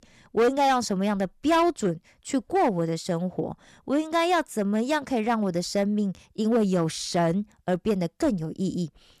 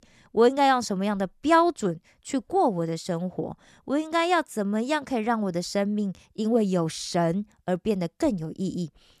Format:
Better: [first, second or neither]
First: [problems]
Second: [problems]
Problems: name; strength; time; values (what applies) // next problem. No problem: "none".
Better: second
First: distortion; slight; 5% of the sound clipped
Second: none